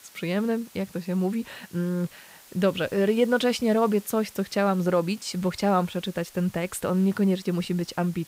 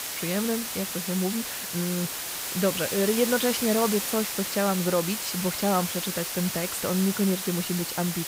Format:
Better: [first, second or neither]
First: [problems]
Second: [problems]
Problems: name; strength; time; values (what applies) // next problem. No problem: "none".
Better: first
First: hiss; faint; throughout; 25 dB below the speech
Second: hiss; loud; throughout; 2 dB below the speech